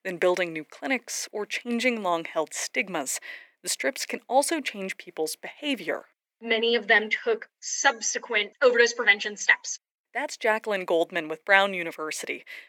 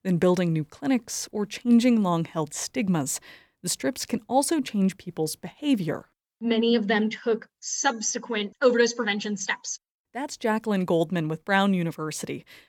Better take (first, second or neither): second